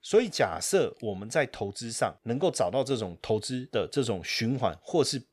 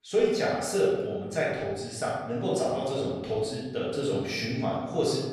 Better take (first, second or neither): first